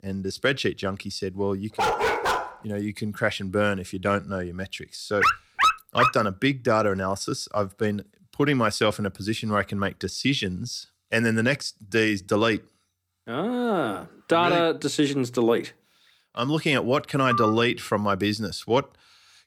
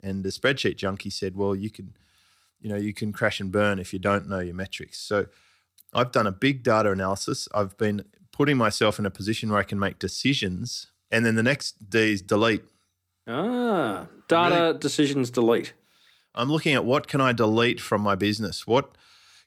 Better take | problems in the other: second | dog barking; loud; at 2 s and at 5 s; peak 4 dB above the speech // phone ringing; noticeable; at 17 s; peak 2 dB below the speech

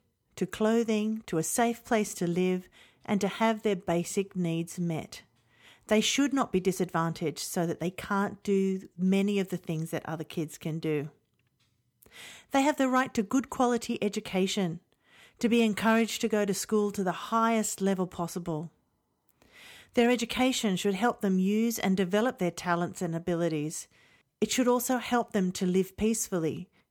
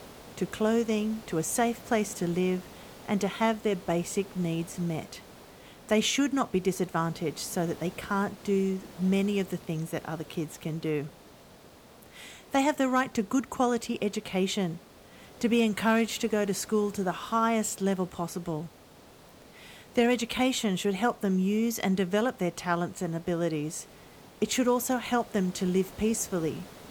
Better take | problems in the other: first | hiss; faint; throughout; 20 dB below the speech

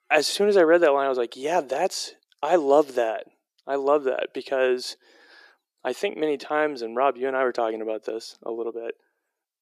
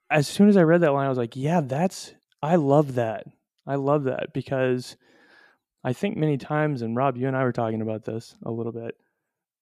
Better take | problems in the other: second | thin; very; fading below 350 Hz

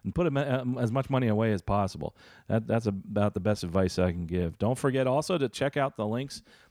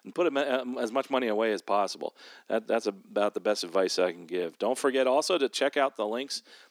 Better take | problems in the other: first | thin; somewhat; fading below 300 Hz

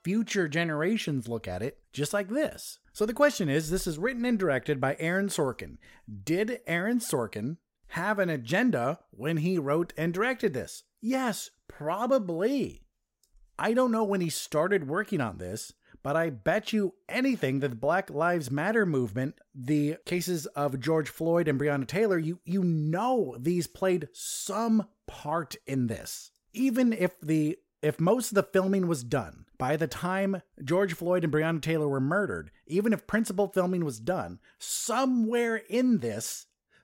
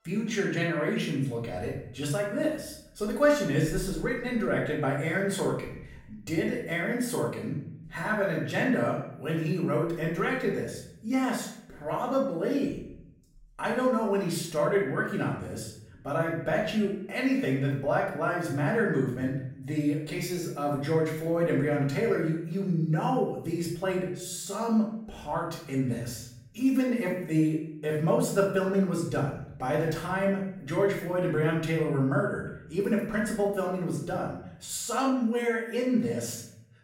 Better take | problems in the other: first | off-mic speech; far // room echo; noticeable; dies away in 0.7 s

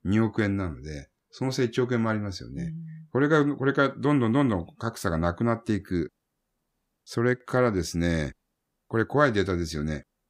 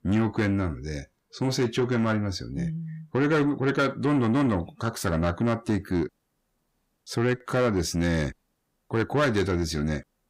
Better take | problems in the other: first | distortion; slight; 10 dB below the speech

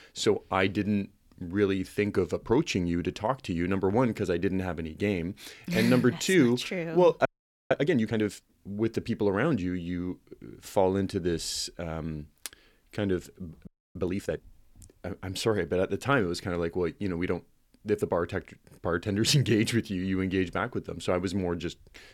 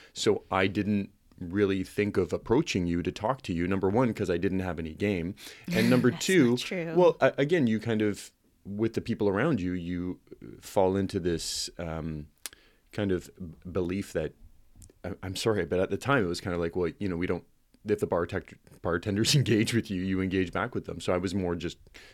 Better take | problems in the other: second | audio freezing; at 7.5 s and at 14 s

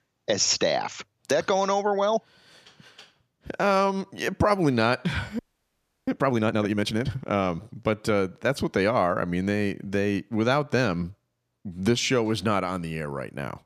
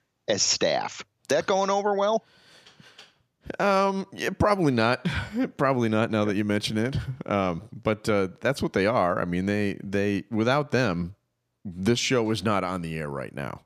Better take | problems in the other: second | audio freezing; at 5.5 s for 0.5 s

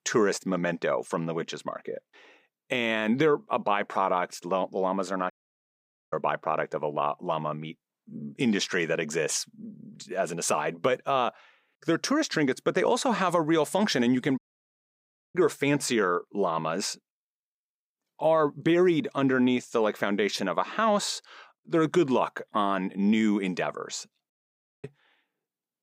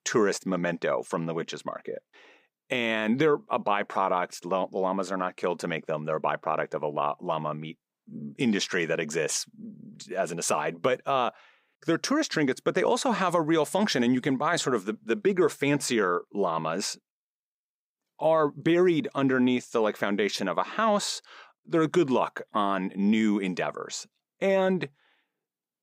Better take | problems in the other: second | audio cutting out; at 5.5 s for 1 s, at 14 s for 1 s and at 24 s for 0.5 s

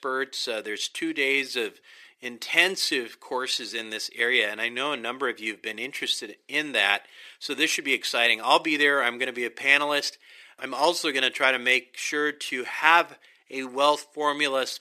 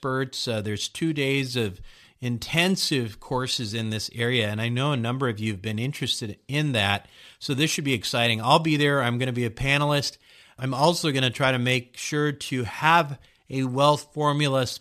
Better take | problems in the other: second | thin; somewhat; fading below 350 Hz

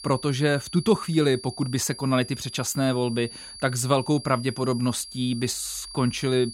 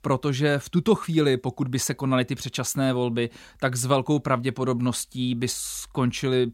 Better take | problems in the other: second | high-pitched whine; noticeable; throughout; 4.5 kHz, 15 dB below the speech

